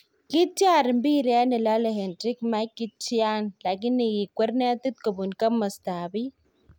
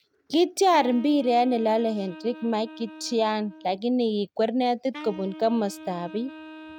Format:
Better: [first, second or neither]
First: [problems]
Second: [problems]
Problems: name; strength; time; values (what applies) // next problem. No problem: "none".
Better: first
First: none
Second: noise reduction (neural mask model RNNoise)